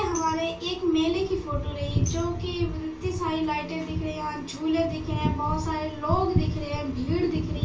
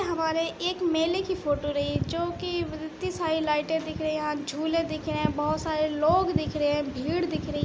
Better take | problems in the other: second | background sound (Tambourine); 20 dB below the speech // room echo; dies away in 0.2 s

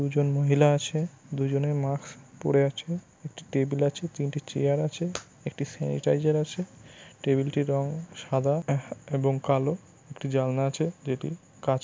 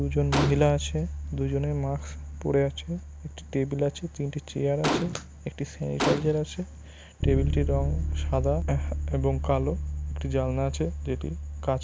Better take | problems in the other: first | background sound (Bass guitar + Gunshot, gunfire); 3 dB below the speech

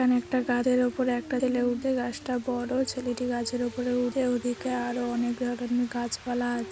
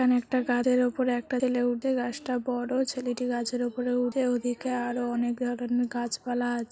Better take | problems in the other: second | background sound (Rain); 16 dB below the speech

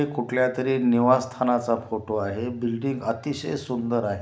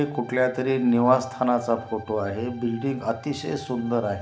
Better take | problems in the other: first | background sound (Bowed string instrument); 20 dB below the speech

